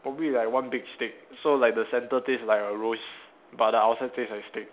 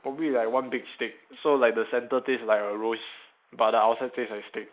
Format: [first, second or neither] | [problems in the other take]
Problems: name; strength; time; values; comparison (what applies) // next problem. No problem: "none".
first | noise reduction (neural mask model Resemble Enhance denoiser)